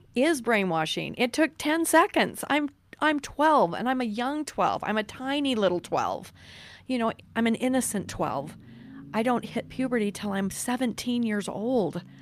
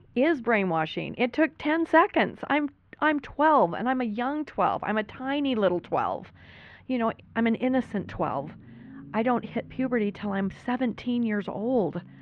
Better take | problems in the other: first | muffled; very; fading above 2.5 kHz

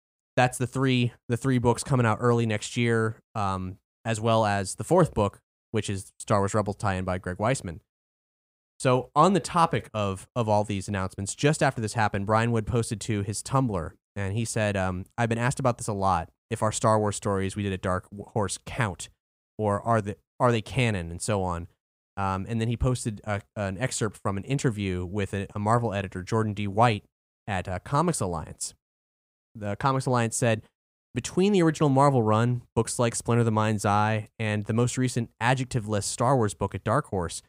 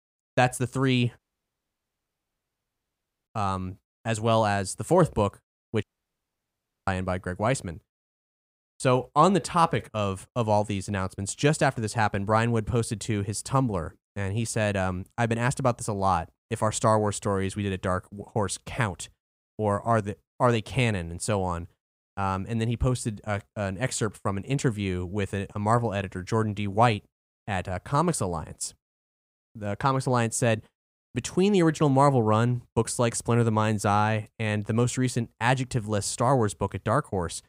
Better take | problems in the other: first | audio cutting out; at 1 s for 2 s and at 6 s for 1 s

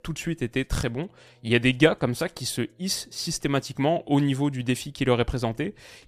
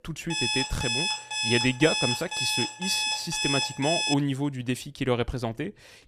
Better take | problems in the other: first | alarm; loud; until 4 s; peak 3 dB above the speech

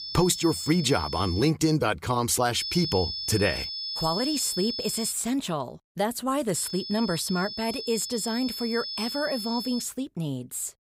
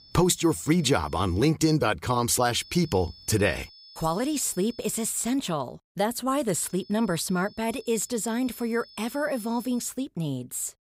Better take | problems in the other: second | high-pitched whine; loud; until 1.5 s, from 2.5 to 5 s and from 6.5 to 10 s; 5 kHz, 5 dB below the speech; faint in the second

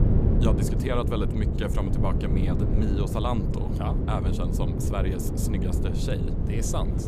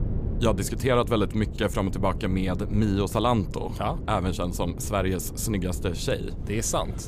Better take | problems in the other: second | wind noise on the microphone; heavy; 2 dB below the speech; occasional gusts in the second

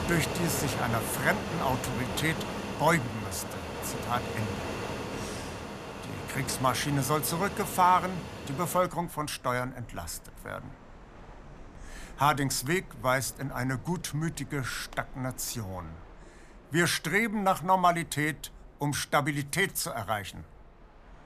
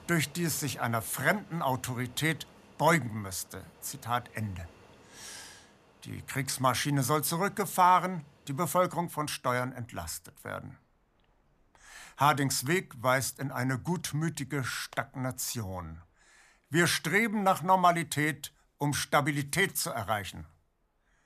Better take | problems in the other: second | train or aircraft noise; loud; throughout; 7 dB below the speech; faint in the second

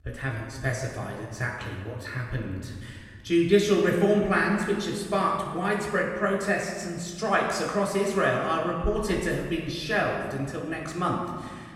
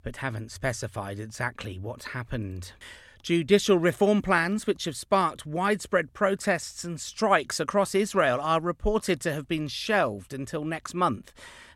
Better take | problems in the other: second | off-mic speech; far // room echo; noticeable; dies away in 1.4 s

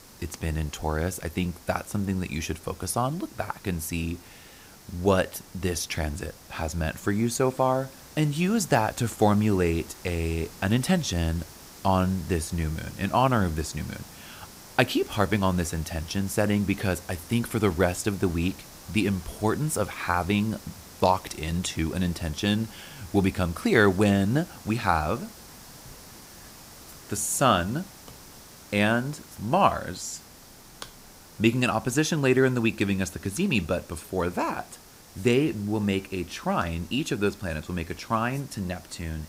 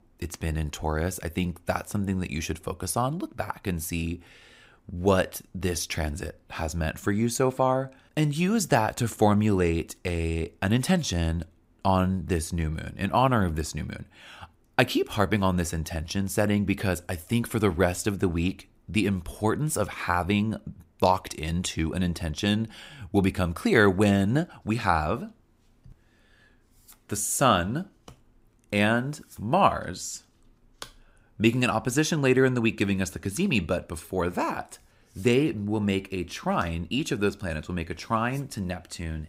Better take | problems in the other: second | hiss; noticeable; throughout; 20 dB below the speech

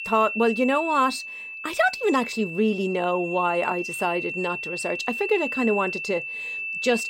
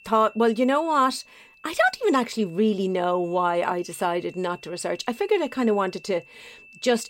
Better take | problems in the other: second | high-pitched whine; loud; throughout; 2.5 kHz, 5 dB below the speech; faint in the second

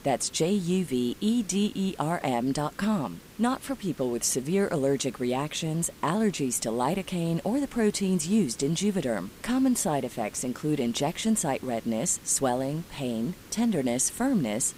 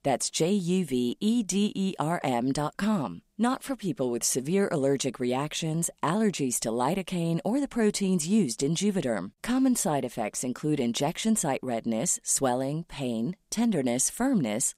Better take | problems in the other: second | hiss; faint; throughout; 20 dB below the speech

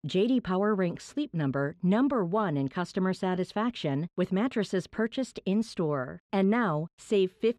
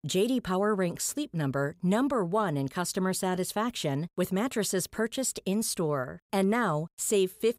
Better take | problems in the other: second | muffled; slightly; fading above 3 kHz

